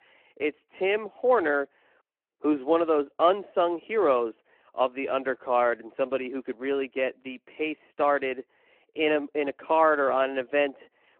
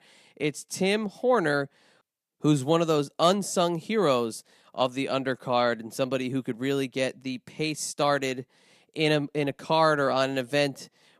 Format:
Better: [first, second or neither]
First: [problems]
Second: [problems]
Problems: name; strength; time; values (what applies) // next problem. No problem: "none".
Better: second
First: phone-call audio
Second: none